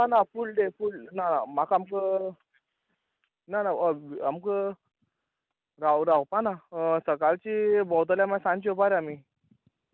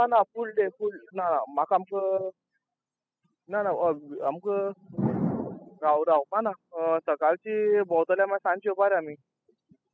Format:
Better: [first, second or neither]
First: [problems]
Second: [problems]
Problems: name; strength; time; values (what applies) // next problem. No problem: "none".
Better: first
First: none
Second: noise reduction (classical method spectral subtraction)